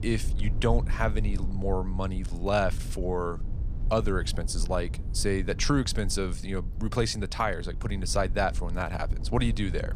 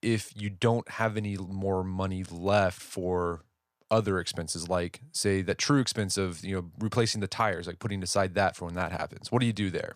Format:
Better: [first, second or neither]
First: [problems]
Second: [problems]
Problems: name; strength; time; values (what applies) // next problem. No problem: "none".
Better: second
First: low rumble; noticeable; throughout; 20 dB below the speech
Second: none